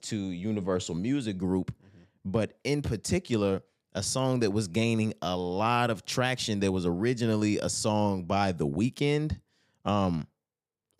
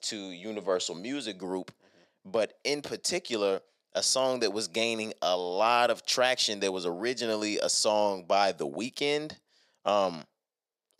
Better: first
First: none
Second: thin; somewhat; fading below 400 Hz

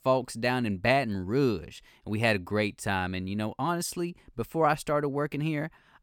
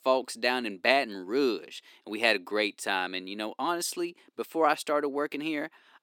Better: first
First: none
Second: thin; very slightly; fading below 300 Hz

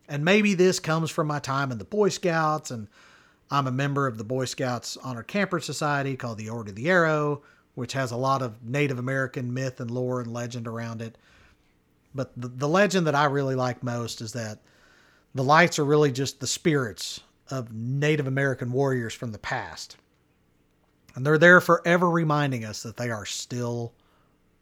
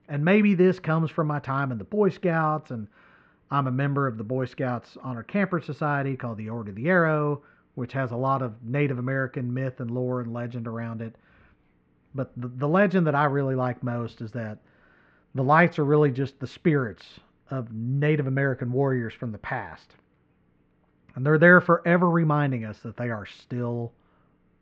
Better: first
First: none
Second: muffled; very; fading above 2.5 kHz

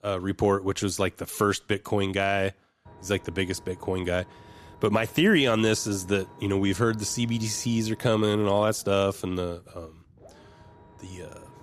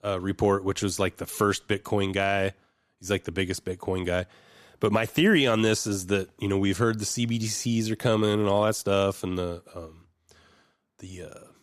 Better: second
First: low rumble; faint; from 3 s on; 25 dB below the speech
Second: none

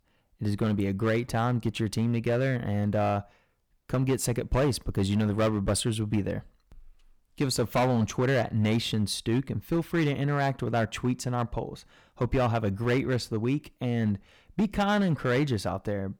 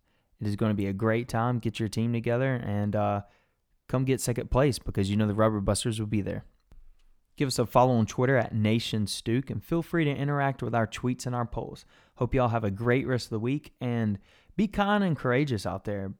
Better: second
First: distortion; slight; 7% of the sound clipped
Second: none

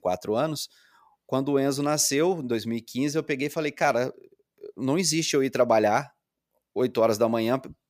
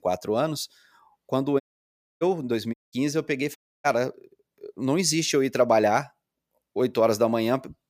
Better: first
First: none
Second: audio cutting out; at 1.5 s for 0.5 s, at 2.5 s and at 3.5 s

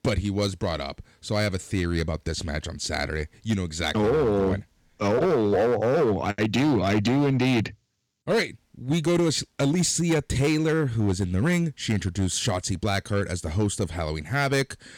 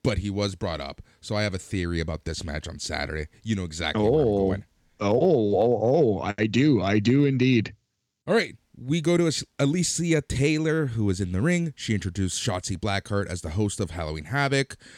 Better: second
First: distortion; slight; 9% of the sound clipped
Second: none

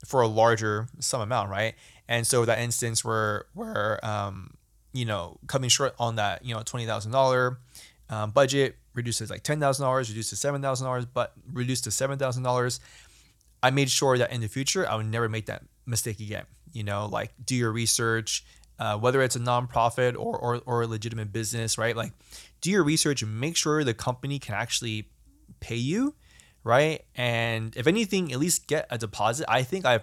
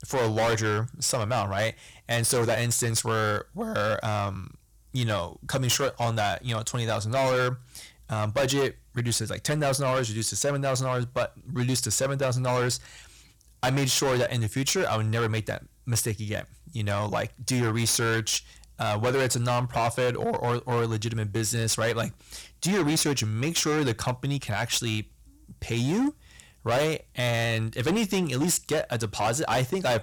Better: first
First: none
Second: distortion; heavy; 14% of the sound clipped

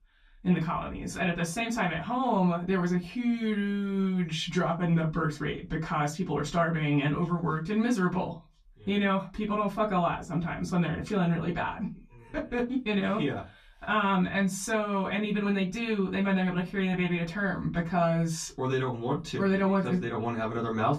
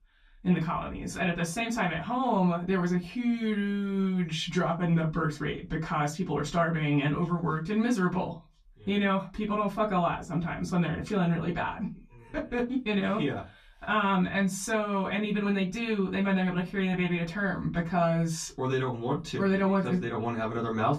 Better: neither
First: off-mic speech; far // room echo; very slight; dies away in 0.2 s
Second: off-mic speech; far // room echo; very slight; dies away in 0.2 s

